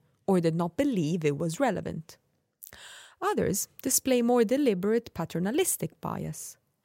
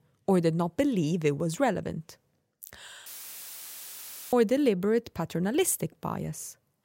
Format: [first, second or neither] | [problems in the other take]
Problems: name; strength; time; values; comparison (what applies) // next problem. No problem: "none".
first | audio cutting out; filled with static; at 3 s for 1.5 s